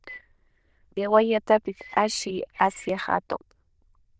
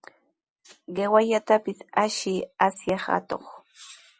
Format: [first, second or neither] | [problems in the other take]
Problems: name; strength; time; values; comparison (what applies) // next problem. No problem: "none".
second | noise reduction (neural diffusion model UNIVERSE++)